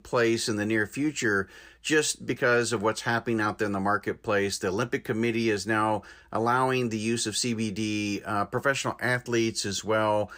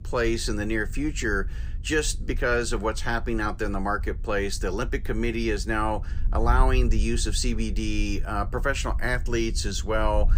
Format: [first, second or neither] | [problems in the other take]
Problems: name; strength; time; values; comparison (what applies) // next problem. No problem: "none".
first | wind noise on the microphone; occasional gusts; 25 dB below the speech